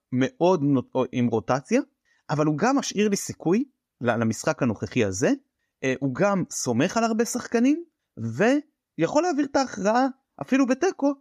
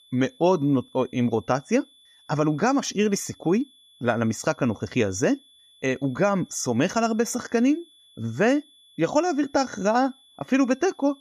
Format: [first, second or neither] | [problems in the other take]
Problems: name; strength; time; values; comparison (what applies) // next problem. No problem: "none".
first | high-pitched whine; faint; throughout; 3.5 kHz, 30 dB below the speech